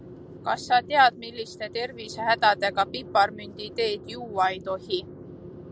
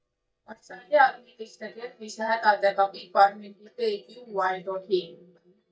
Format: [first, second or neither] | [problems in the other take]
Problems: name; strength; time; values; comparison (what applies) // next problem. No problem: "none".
first | noise reduction (neural mask model DeepFilterNet 3)